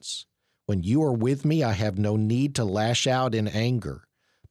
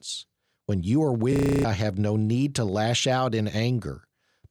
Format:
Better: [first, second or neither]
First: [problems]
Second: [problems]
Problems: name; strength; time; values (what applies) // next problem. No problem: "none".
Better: first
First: none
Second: audio freezing; at 1.5 s